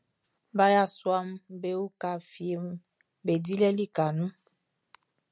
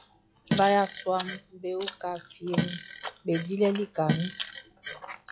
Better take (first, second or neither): first